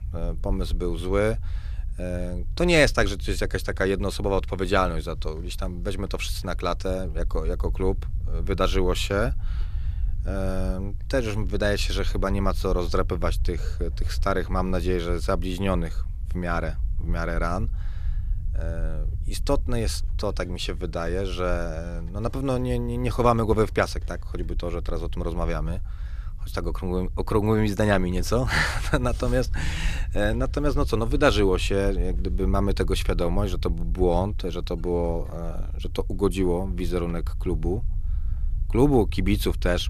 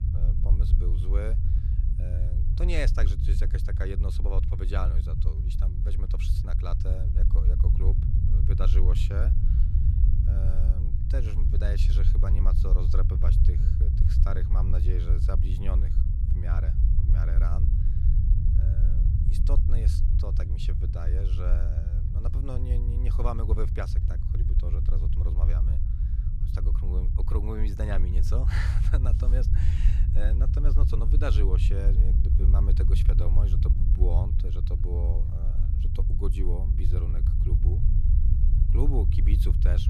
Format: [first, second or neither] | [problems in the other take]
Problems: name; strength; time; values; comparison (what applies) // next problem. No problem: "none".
first | low rumble; loud; throughout; 3 dB below the speech; faint in the first